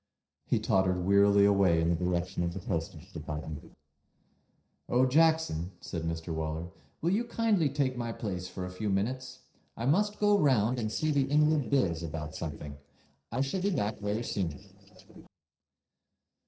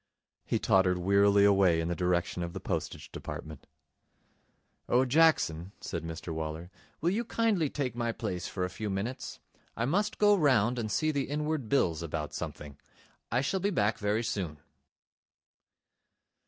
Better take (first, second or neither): second